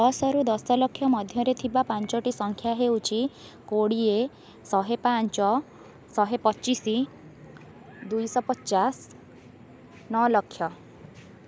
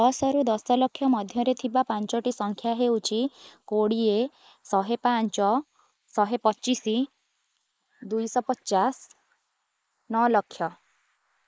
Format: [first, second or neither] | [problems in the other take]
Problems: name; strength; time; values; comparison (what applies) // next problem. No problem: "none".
first | noise reduction (neural mask model Resemble Enhance denoiser)